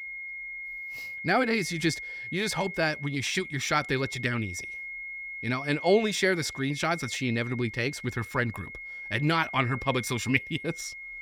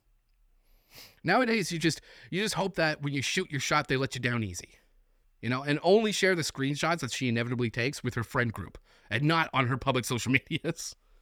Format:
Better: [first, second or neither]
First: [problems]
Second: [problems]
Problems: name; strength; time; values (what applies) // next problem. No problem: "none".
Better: second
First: high-pitched whine; loud; throughout; 2 kHz, 9 dB below the speech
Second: none